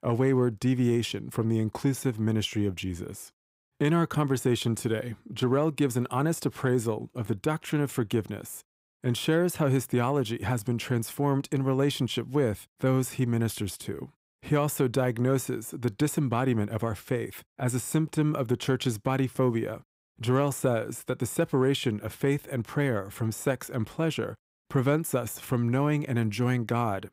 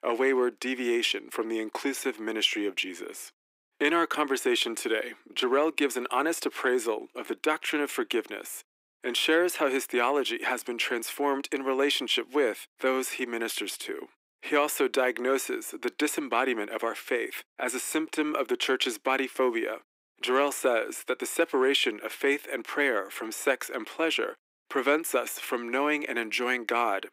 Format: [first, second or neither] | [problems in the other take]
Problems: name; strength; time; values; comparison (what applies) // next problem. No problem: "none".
first | thin; somewhat; fading below 300 Hz